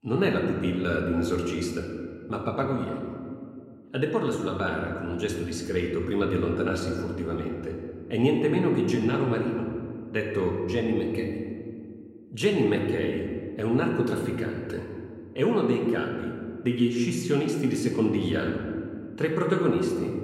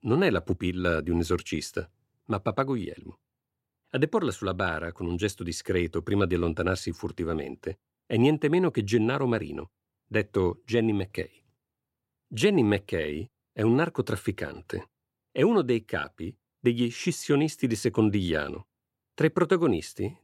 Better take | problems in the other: second | room echo; noticeable; dies away in 1.9 s // off-mic speech; somewhat distant

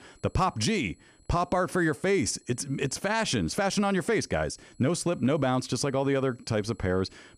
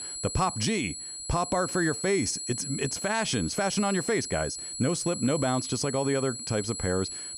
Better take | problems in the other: first | high-pitched whine; loud; throughout; 8 kHz, 6 dB below the speech; faint in the first

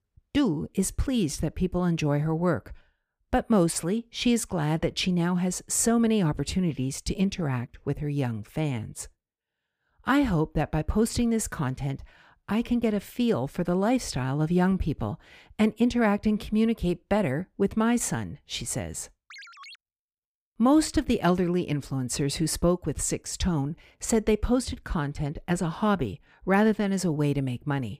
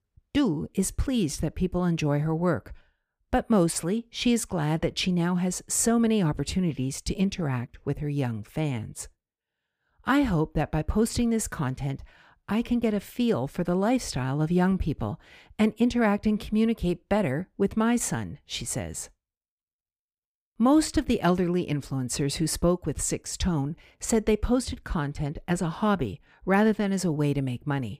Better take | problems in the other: second | phone ringing; faint; at 19 s; peak 15 dB below the speech

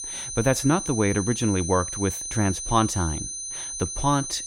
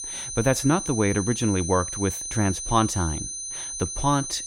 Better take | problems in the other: neither | high-pitched whine; loud; throughout; 6 kHz, 5 dB below the speech; the same in both

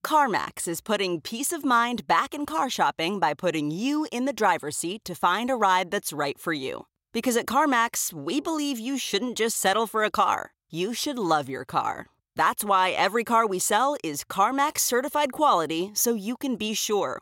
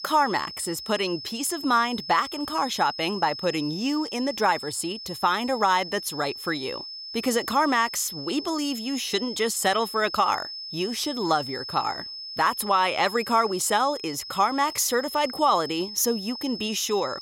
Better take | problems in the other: first | high-pitched whine; loud; throughout; 5 kHz, 10 dB below the speech

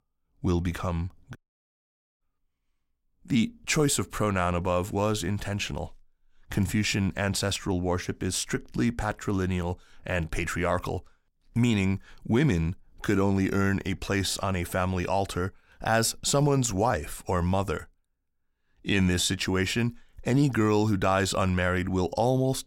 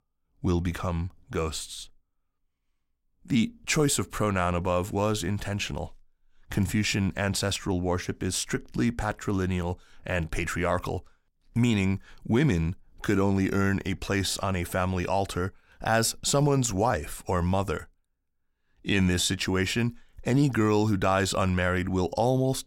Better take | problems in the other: second | audio cutting out; at 1.5 s for 1 s

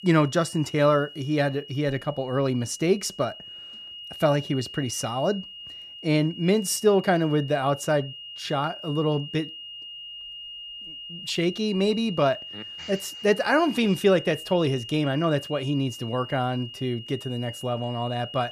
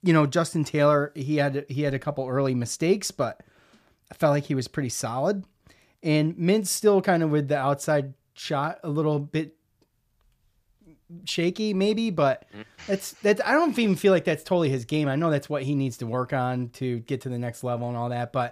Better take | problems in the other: second | high-pitched whine; noticeable; throughout; 3 kHz, 15 dB below the speech

